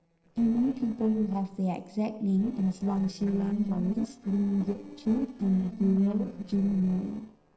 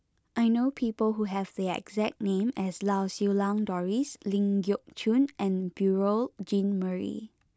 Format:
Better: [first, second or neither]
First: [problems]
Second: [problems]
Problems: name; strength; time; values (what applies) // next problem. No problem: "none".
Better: second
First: noise reduction (neural separator model SepFormer DNS4)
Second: none